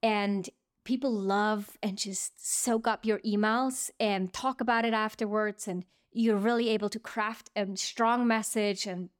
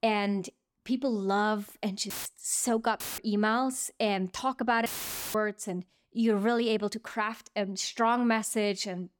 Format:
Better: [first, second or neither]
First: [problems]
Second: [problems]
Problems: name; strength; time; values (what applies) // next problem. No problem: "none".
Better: first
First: none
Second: audio cutting out; filled with static; at 2 s, at 3 s and at 5 s